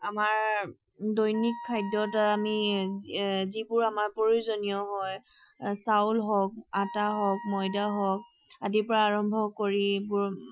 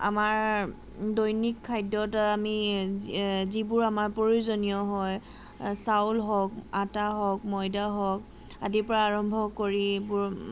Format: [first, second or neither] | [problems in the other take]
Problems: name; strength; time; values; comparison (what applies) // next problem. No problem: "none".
second | noise reduction (classical method Wiener filter)